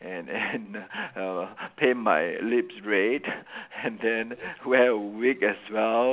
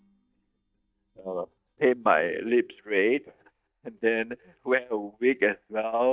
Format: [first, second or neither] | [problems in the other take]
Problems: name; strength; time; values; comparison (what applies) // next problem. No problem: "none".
first | noise reduction (neural mask model DeepFilterNet 3)